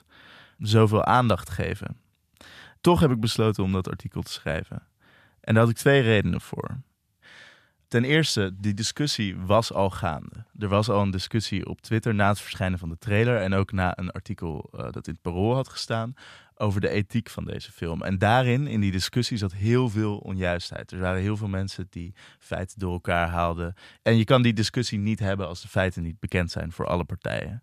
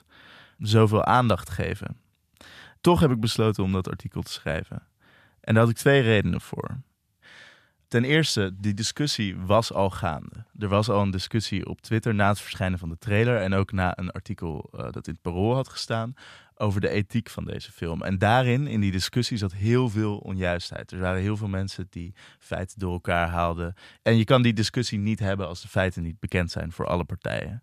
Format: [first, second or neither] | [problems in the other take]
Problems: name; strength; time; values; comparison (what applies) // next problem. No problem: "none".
neither | none